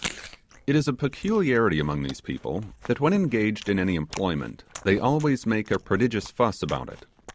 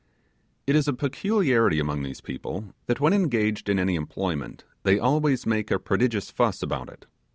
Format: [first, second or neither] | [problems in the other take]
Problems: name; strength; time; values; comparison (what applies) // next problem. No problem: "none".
second | background sound (Chewing, mastication); 19 dB below the speech